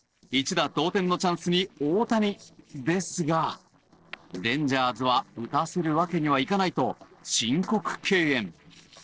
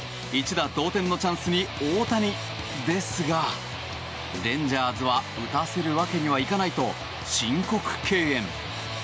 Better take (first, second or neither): second